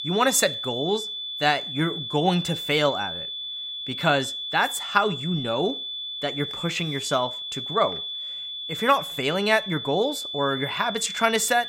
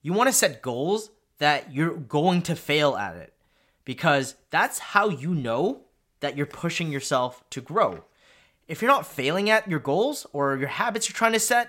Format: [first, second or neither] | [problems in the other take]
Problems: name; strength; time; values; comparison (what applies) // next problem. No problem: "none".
second | high-pitched whine; loud; throughout; 3.5 kHz, 6 dB below the speech